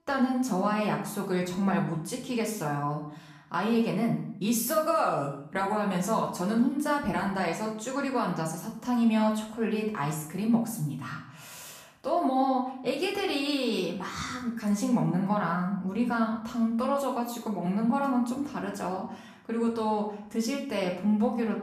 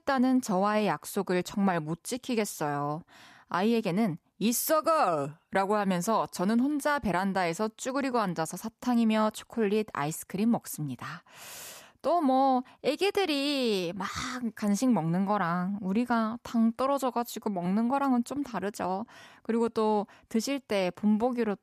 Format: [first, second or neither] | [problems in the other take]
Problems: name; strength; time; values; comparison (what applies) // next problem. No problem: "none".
second | room echo; slight; dies away in 0.6 s // off-mic speech; far